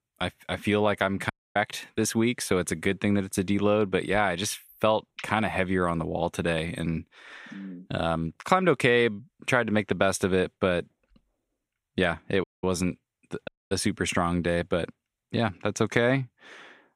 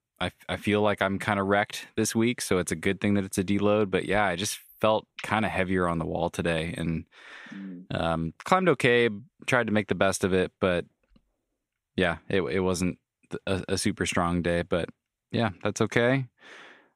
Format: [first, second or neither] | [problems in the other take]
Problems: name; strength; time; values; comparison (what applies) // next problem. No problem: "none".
second | audio cutting out; at 1.5 s, at 12 s and at 13 s